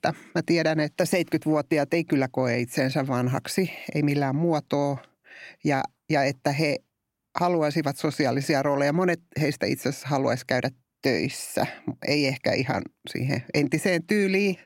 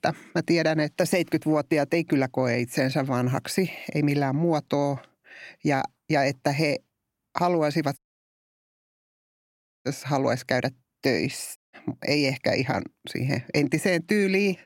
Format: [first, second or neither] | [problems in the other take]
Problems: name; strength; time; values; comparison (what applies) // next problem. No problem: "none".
first | audio cutting out; at 8 s for 2 s and at 12 s